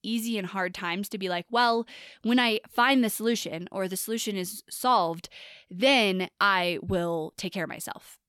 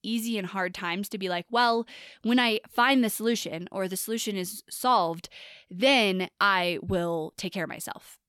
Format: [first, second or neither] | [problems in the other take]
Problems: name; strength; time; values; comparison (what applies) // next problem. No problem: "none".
neither | none